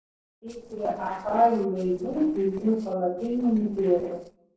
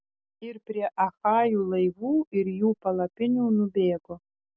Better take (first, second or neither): second